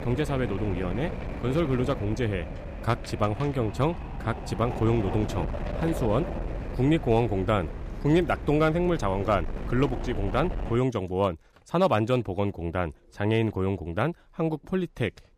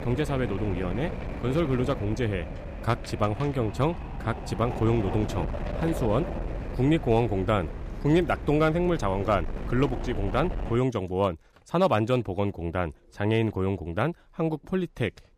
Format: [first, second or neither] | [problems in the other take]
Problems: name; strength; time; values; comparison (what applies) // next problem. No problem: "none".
neither | wind noise on the microphone; occasional gusts; until 11 s; 10 dB below the speech; the same in both